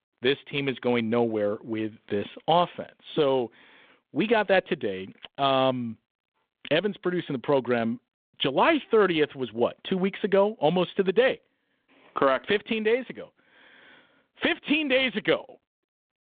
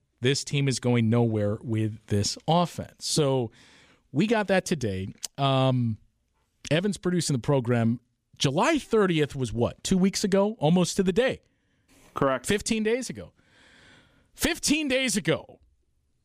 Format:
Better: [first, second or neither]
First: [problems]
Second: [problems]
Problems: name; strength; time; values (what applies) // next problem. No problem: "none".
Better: second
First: phone-call audio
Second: none